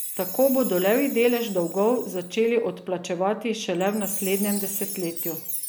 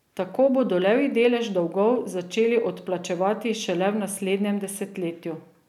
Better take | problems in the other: second | background sound (Chime); 10 dB below the speech

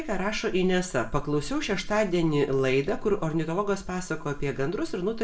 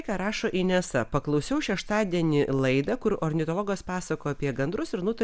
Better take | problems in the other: second | room echo; dies away in 0.3 s

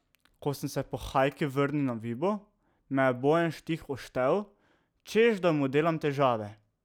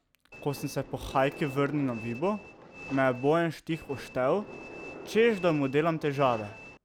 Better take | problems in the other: first | background sound (Train); 15 dB below the speech

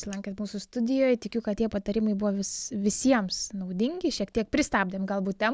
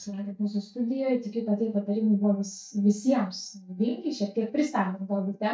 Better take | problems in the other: first | noise reduction (neural mask model DeepFilterNet 3)

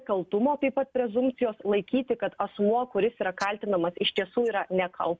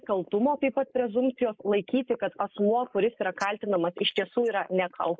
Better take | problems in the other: first | noise reduction (neural mask model Resemble Enhance denoiser)

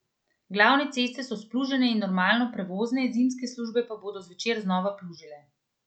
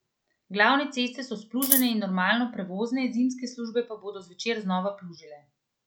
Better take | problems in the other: first | background sound (Scissors); 4 dB above the speech

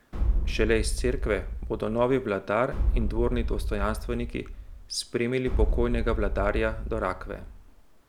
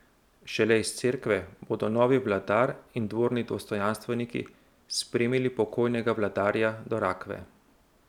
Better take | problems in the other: second | background sound (Boom); as loud as the speech

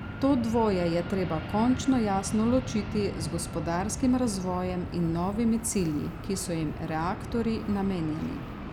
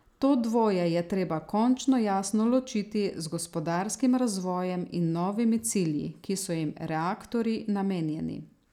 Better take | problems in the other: second | background sound (Fixed-wing aircraft, airplane); 8 dB below the speech

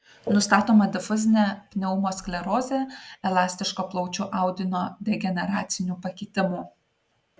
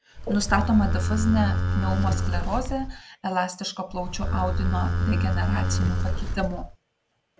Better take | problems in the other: first | background sound (Livestock, farm animals, working animals); 3 dB above the speech

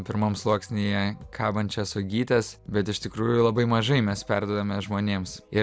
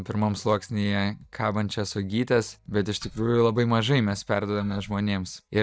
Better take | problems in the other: first | noise reduction (neural mask model DeepFilterNet 3)

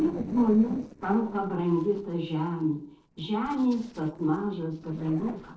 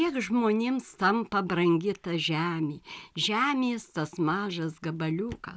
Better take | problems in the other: second | noise reduction (neural separator model SepFormer DNS4)

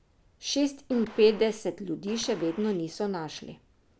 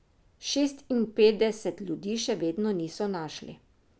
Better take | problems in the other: second | background sound (Gunshot, gunfire); 20 dB below the speech

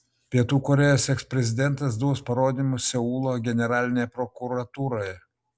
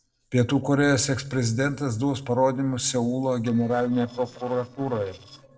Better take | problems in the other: first | noise reduction (neural separator model SepFormer DNS4)

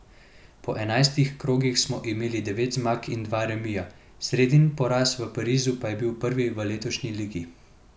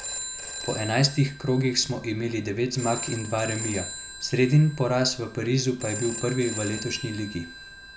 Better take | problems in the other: first | background sound (Telephone); 10 dB below the speech

